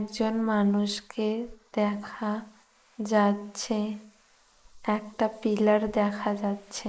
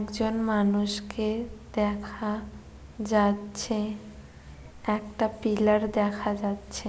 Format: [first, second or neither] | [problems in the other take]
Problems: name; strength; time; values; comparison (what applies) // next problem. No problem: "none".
second | noise reduction (neural mask model Resemble Enhance denoiser)